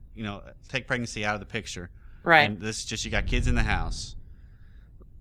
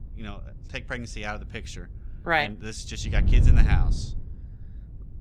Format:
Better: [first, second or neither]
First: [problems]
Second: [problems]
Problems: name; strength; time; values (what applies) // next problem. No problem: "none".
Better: first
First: wind noise on the microphone; occasional gusts; 25 dB below the speech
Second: wind noise on the microphone; heavy; 9 dB below the speech